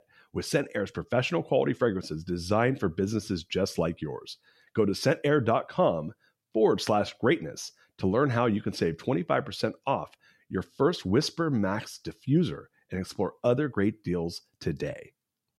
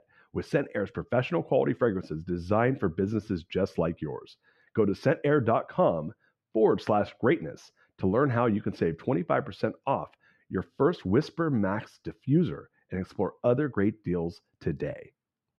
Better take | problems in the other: first | muffled; slightly; fading above 3.5 kHz

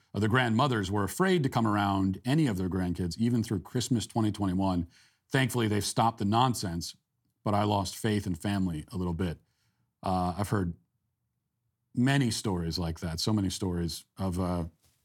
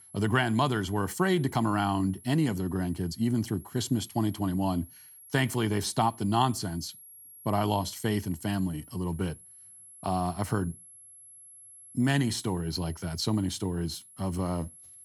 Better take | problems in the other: first | high-pitched whine; noticeable; throughout; 11.5 kHz, 20 dB below the speech

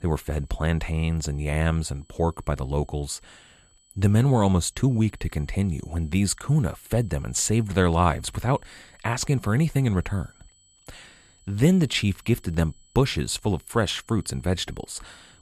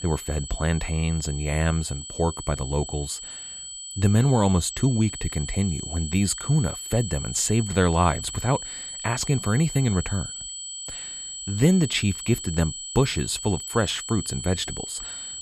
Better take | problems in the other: first | high-pitched whine; loud; throughout; 8 kHz, 8 dB below the speech; faint in the first

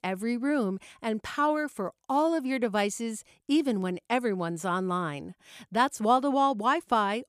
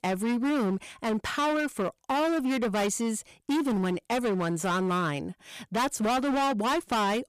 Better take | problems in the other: first | distortion; heavy; 26% of the sound clipped

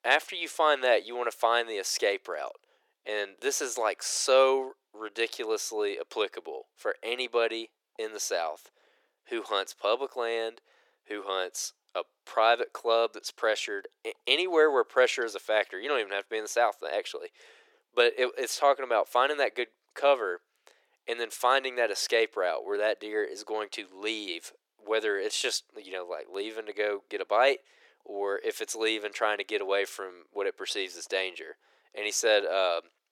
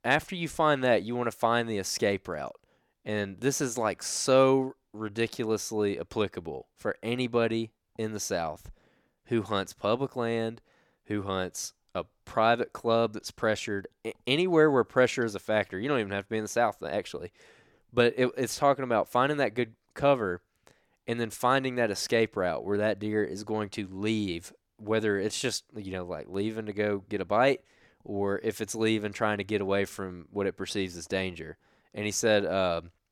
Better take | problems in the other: second | thin; very; fading below 400 Hz

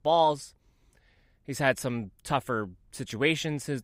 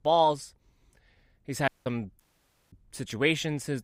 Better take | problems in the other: first | audio cutting out; at 1.5 s and at 2 s for 0.5 s

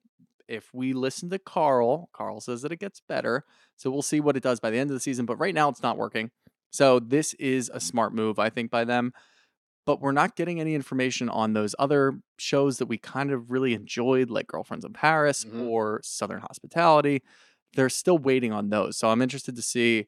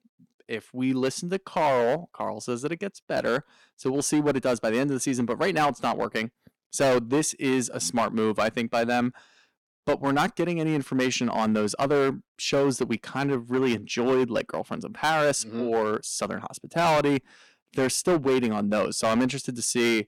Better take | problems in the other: first | distortion; heavy; 7% of the sound clipped

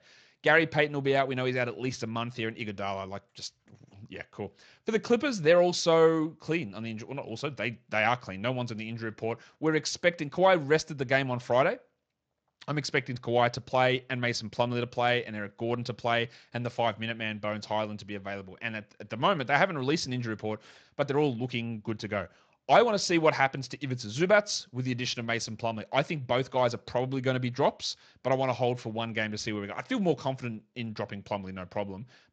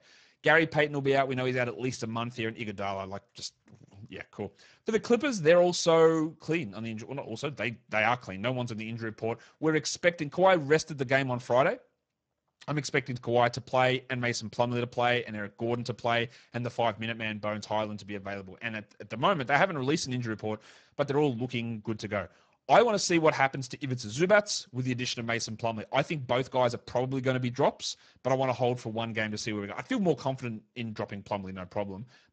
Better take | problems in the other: first | garbled, watery; badly; nothing above 7.5 kHz; slightly in the first

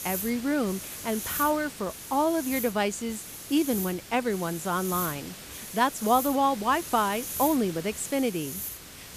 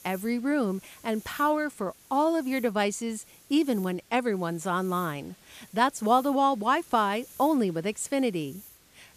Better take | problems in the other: second | hiss; loud; throughout; 8 dB below the speech; faint in the second

